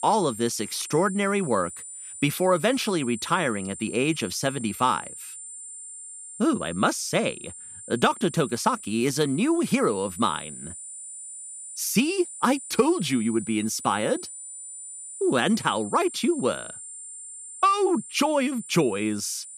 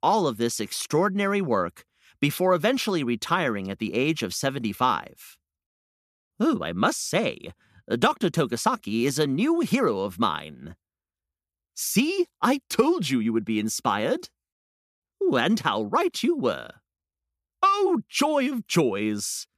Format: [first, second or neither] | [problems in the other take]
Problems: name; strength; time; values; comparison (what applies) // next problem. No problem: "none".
second | high-pitched whine; noticeable; throughout; 9 kHz, 10 dB below the speech